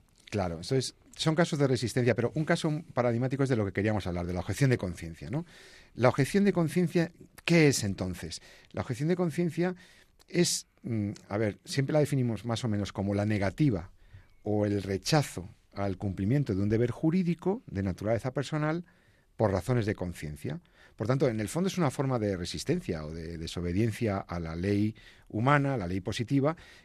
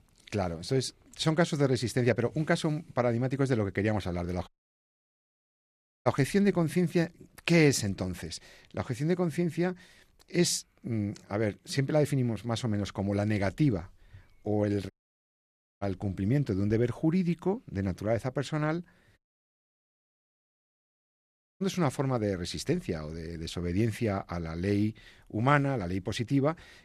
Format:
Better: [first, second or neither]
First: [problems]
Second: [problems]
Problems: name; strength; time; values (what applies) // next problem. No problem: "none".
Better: first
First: none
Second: audio cutting out; at 4.5 s for 1.5 s, at 15 s for 1 s and at 19 s for 2.5 s